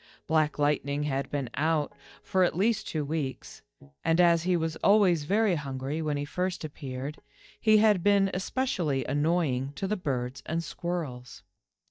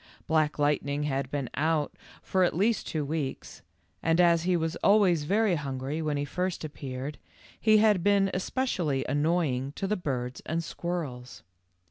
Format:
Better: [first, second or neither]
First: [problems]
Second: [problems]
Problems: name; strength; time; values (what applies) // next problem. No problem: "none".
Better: second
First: noise reduction (neural mask model DeepFilterNet 3)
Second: none